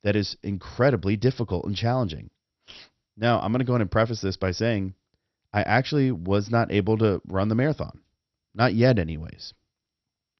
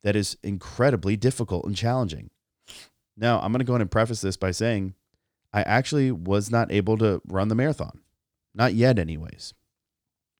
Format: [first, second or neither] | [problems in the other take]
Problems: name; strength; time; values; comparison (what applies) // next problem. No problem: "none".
second | garbled, watery; slightly; nothing above 6 kHz